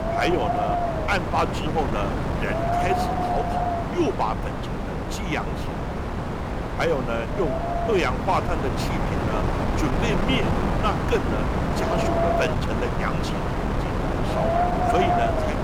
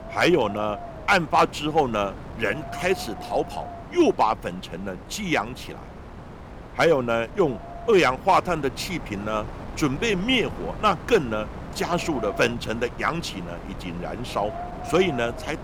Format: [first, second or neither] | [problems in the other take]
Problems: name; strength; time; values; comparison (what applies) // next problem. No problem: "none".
second | wind noise on the microphone; heavy; 2 dB above the speech; occasional gusts in the second